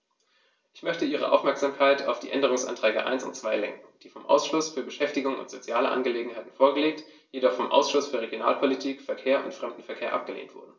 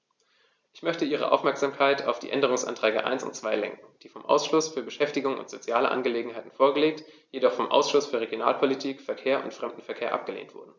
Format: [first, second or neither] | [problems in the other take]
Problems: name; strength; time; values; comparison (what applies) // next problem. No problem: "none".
second | room echo; dies away in 0.2 s